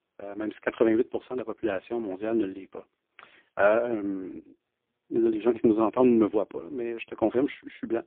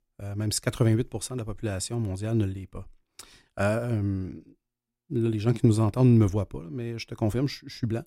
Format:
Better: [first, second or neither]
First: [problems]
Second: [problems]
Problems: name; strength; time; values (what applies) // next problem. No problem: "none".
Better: second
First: phone-call audio; poor line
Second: none